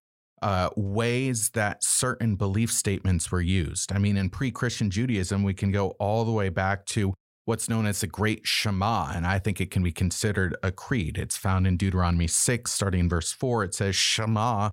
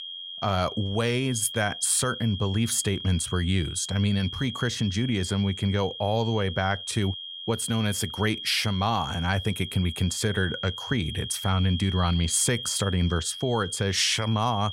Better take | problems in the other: first | high-pitched whine; loud; throughout; 3.5 kHz, 9 dB below the speech

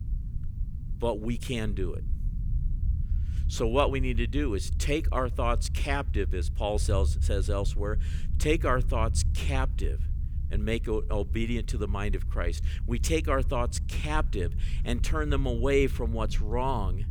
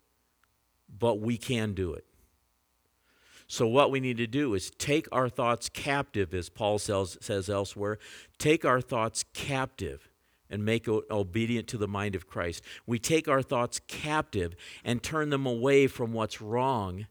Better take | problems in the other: second | low rumble; noticeable; throughout; 20 dB below the speech

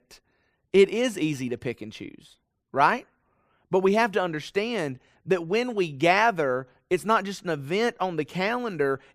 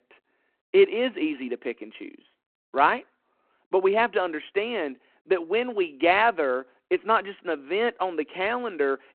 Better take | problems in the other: first | phone-call audio

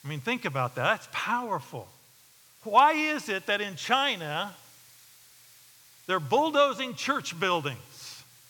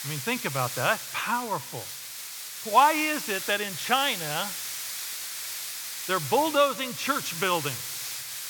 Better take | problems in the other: first | hiss; loud; throughout; 7 dB below the speech; faint in the first

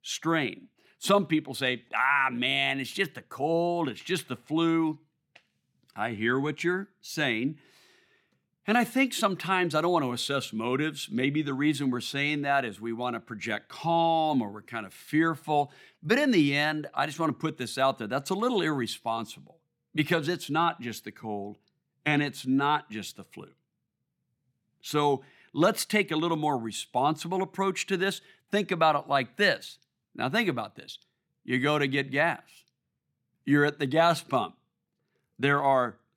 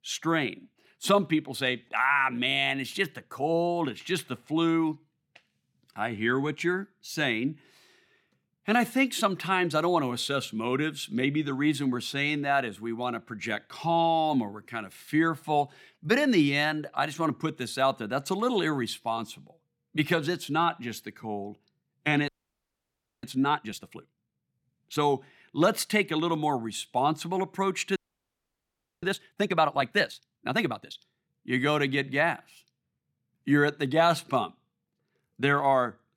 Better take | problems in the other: first | audio freezing; at 22 s for 1 s and at 28 s for 1 s

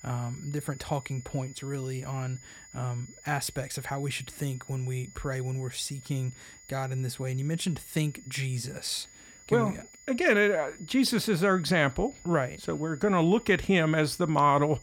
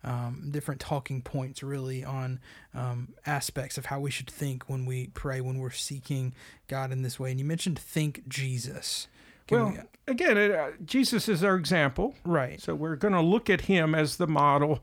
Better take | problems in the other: second | high-pitched whine; faint; throughout; 7 kHz, 20 dB below the speech

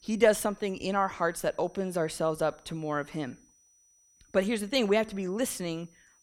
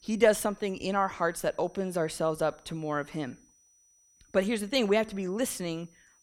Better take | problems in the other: neither | high-pitched whine; faint; throughout; 6 kHz, 30 dB below the speech; the same in both

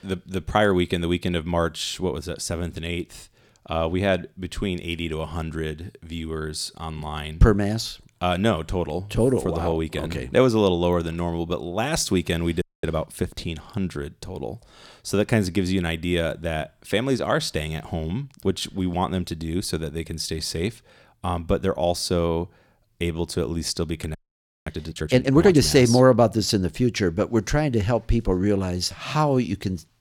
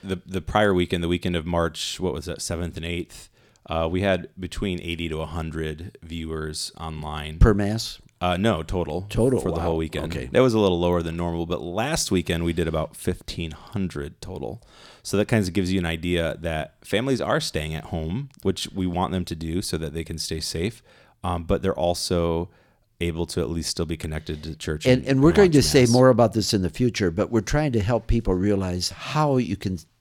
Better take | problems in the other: second | audio freezing; at 13 s and at 24 s for 0.5 s

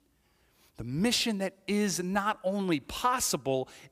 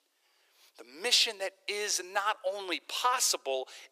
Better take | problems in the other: first | thin; very; fading below 400 Hz

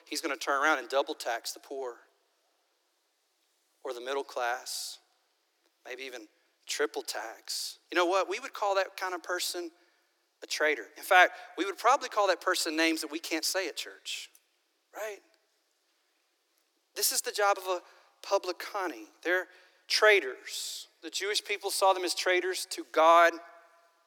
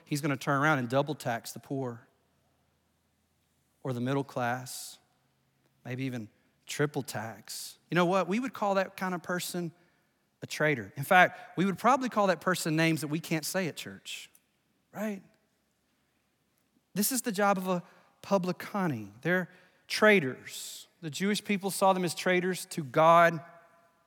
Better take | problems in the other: second | thin; very; fading below 300 Hz

